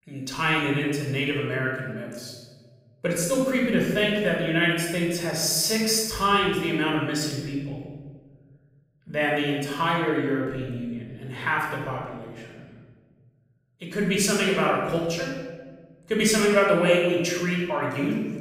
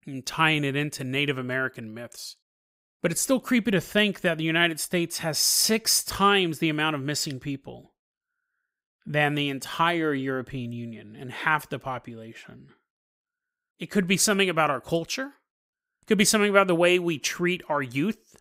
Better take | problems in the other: second | off-mic speech; somewhat distant // room echo; noticeable; dies away in 1.3 s

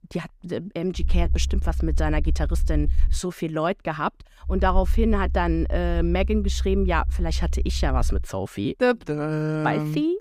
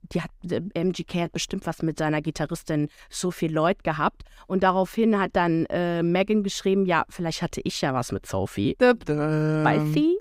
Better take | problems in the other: second | low rumble; faint; from 1 to 3 s and from 4.5 to 8 s; 20 dB below the speech

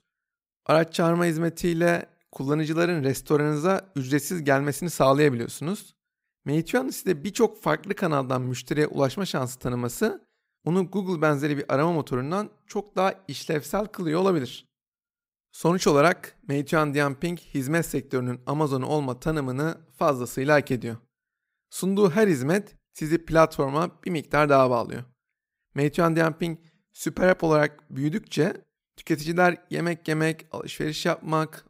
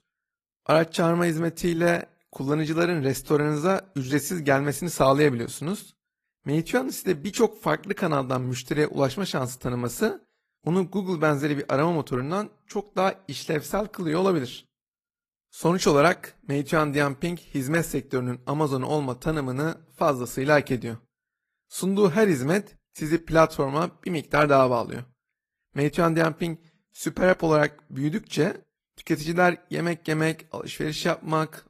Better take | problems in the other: first | garbled, watery; slightly; nothing above 14.5 kHz

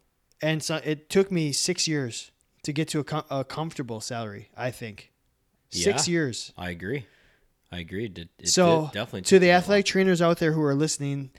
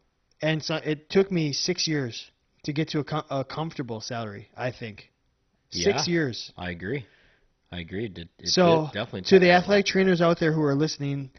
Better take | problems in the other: first | garbled, watery; badly; nothing above 6 kHz

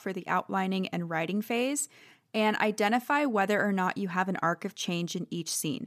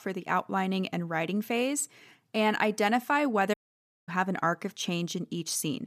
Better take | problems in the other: first | audio cutting out; at 3.5 s for 0.5 s

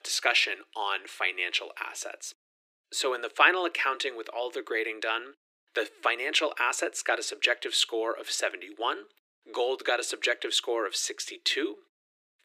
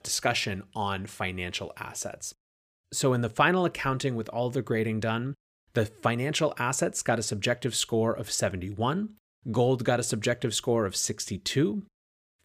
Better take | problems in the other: second | thin; very; fading below 300 Hz

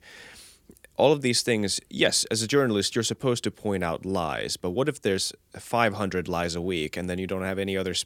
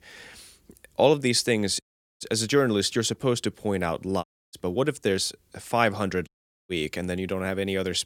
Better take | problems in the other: first | audio cutting out; at 2 s, at 4 s and at 6.5 s

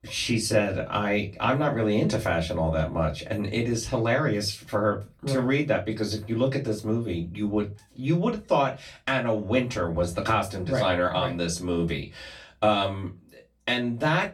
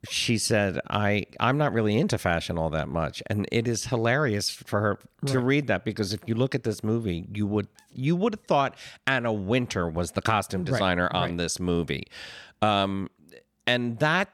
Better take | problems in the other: second | off-mic speech; far // room echo; very slight; dies away in 0.2 s

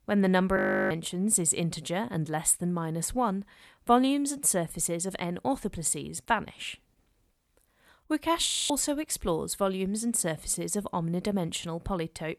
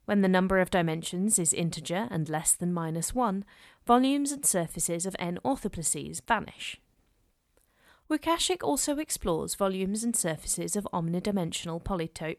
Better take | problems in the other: second | audio freezing; at 0.5 s and at 8.5 s

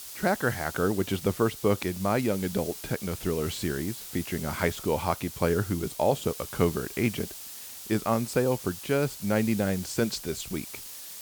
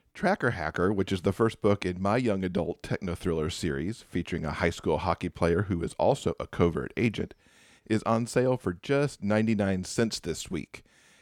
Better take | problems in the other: second | hiss; noticeable; throughout; 10 dB below the speech

